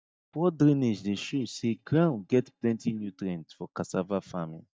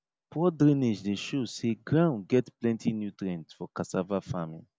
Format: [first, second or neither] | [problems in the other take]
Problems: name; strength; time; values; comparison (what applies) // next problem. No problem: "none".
second | noise reduction (neural mask model DeepFilterNet 3)